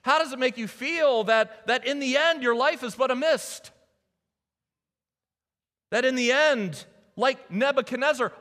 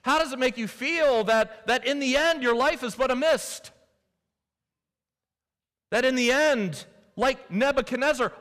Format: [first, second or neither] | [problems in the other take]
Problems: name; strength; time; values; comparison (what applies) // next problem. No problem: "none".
first | distortion; slight; 5% of the sound clipped